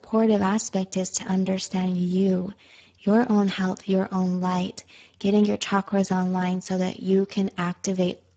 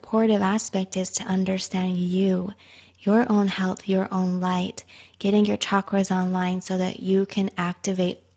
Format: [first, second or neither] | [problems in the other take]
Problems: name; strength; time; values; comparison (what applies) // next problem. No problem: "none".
second | garbled, watery; badly; nothing above 7.5 kHz; slightly in the second